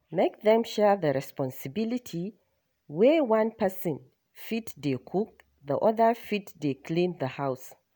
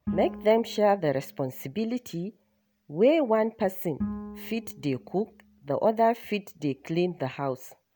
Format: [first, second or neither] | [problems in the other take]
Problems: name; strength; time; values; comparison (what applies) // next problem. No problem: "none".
first | background sound (Bowed string instrument); 14 dB below the speech